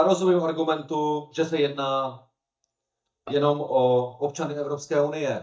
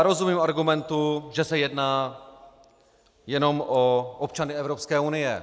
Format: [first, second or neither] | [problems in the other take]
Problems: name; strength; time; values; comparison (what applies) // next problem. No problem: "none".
second | noise reduction (neural mask model DeepFilterNet 3)